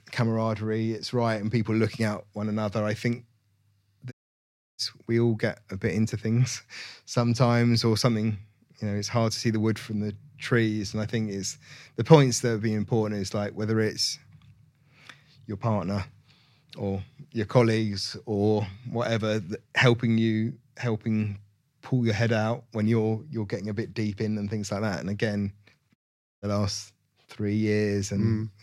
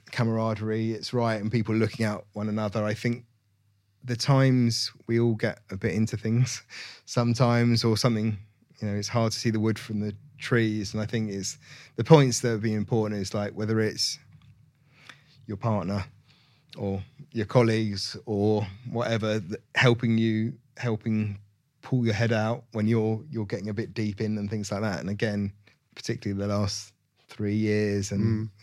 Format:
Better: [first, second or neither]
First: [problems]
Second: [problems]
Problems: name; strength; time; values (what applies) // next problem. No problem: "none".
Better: second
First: audio cutting out; at 4 s for 0.5 s and at 26 s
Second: none